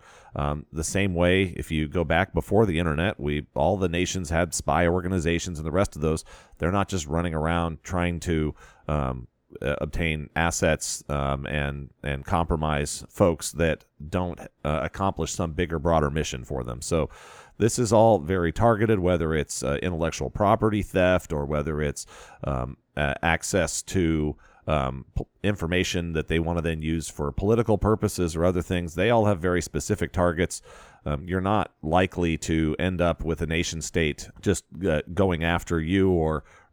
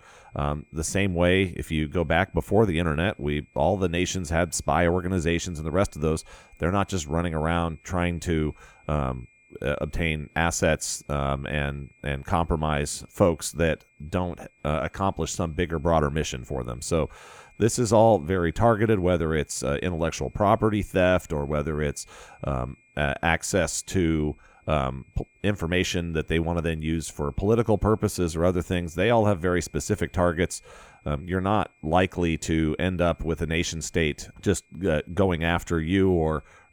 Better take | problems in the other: first | high-pitched whine; faint; throughout; 2.5 kHz, 35 dB below the speech

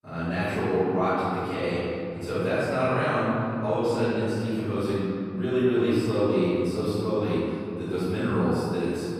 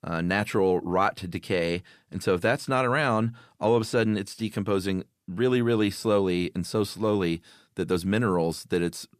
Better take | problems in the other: second | off-mic speech; far // room echo; strong; dies away in 2.7 s

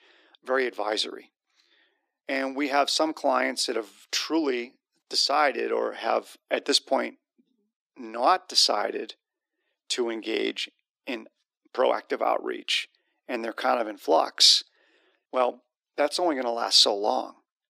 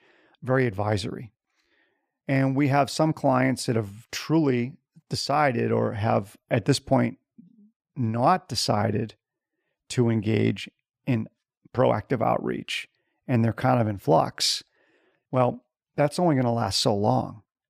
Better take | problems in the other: second | thin; somewhat; fading below 300 Hz

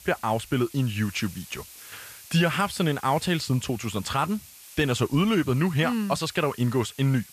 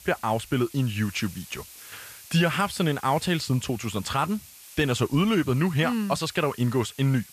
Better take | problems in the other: neither | hiss; noticeable; throughout; 20 dB below the speech; the same in both

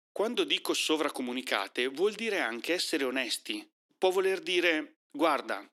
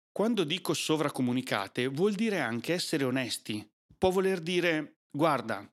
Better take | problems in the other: second | thin; somewhat; fading below 300 Hz

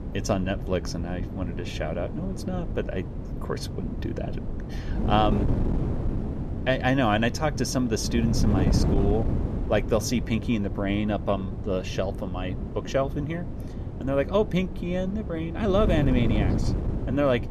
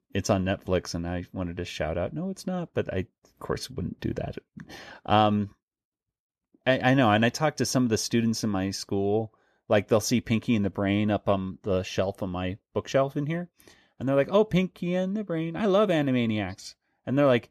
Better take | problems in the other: second | wind noise on the microphone; heavy; 9 dB below the speech

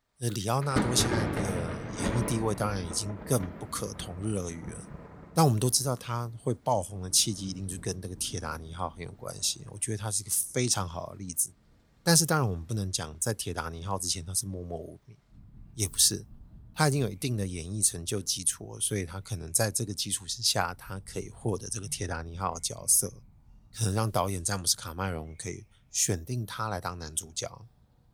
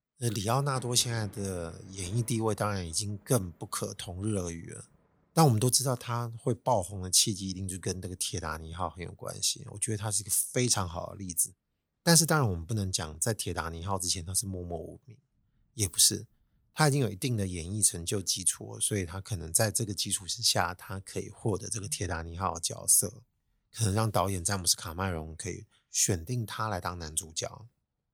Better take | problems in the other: second | rain or running water; loud; throughout; 8 dB below the speech; faint in the second

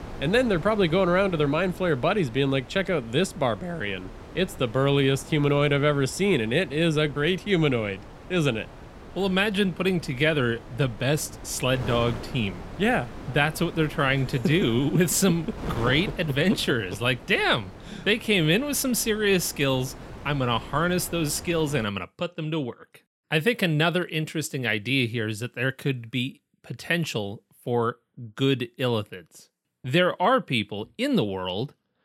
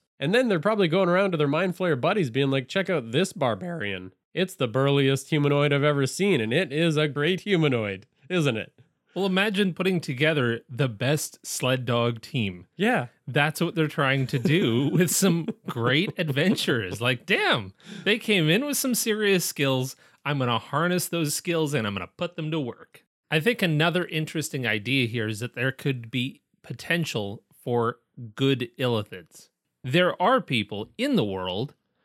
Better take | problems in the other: second | wind noise on the microphone; occasional gusts; until 22 s; 20 dB below the speech

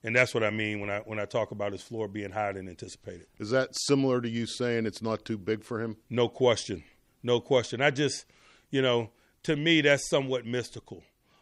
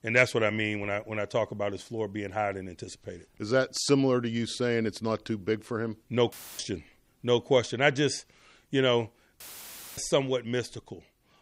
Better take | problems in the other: first | audio cutting out; filled with static; at 6.5 s and at 9.5 s for 0.5 s

